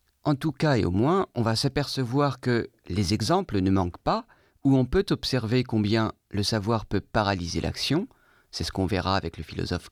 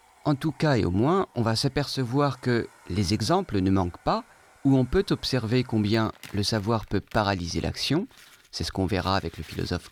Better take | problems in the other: first | household noises; faint; throughout; 25 dB below the speech

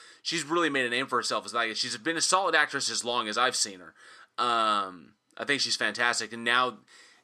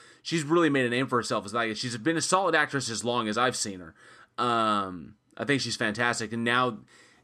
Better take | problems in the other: second | thin; somewhat; fading below 700 Hz

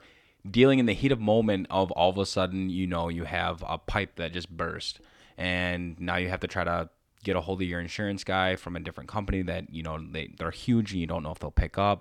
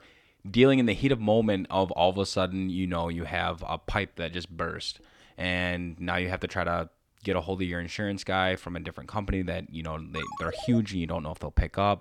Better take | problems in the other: first | phone ringing; noticeable; at 10 s; peak 9 dB below the speech

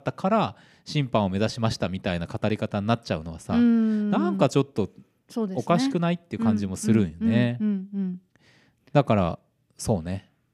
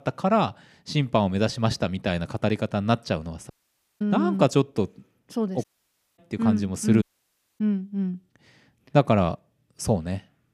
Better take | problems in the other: first | audio cutting out; at 3.5 s for 0.5 s, at 5.5 s for 0.5 s and at 7 s for 0.5 s

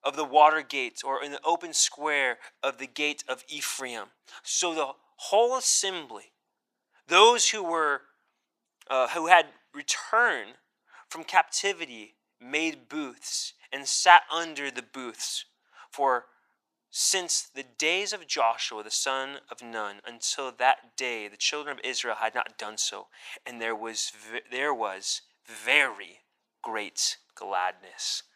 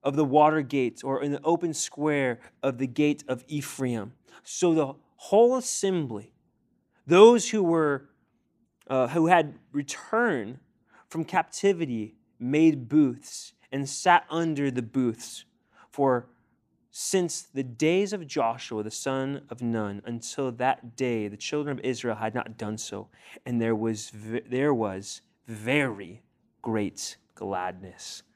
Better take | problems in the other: second | thin; very; fading below 900 Hz

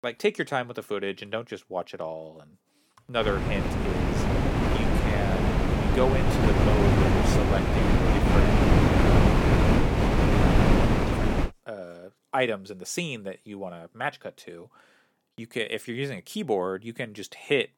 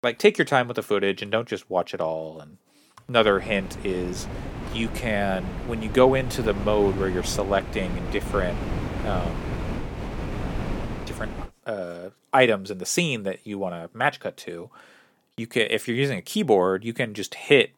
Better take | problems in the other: second | wind noise on the microphone; heavy; from 3 to 11 s; 5 dB above the speech; occasional gusts in the second

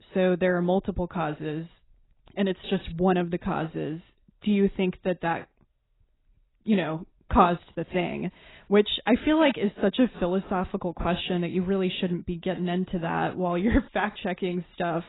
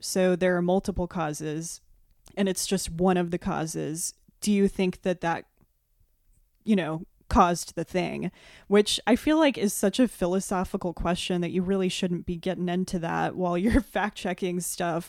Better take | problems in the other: second | garbled, watery; badly; nothing above 4 kHz

